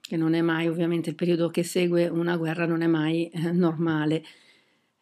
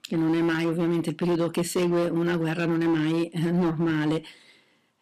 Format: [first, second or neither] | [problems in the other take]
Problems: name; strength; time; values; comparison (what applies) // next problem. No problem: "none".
first | distortion; slight; 15% of the sound clipped